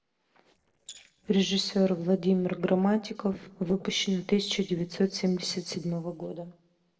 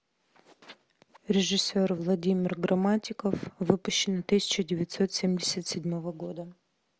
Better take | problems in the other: second | noise reduction (neural separator model SepFormer DNS4)

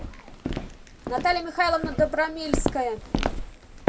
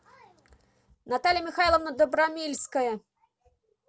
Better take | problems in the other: second | background sound (Walk, footsteps); 2 dB below the speech // room echo; dies away in 1.2 s

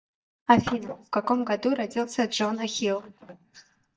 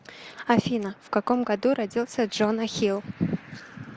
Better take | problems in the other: second | noise reduction (neural mask model DeepFilterNet 3)

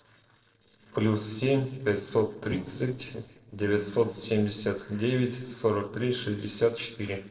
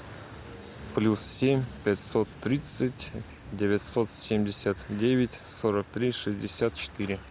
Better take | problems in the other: second | noise reduction (neural separator model SepFormer DNS4)

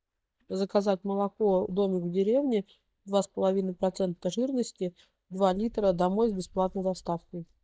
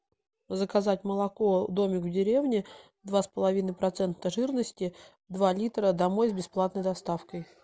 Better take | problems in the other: second | noise reduction (neural mask model DeepFilterNet 3)

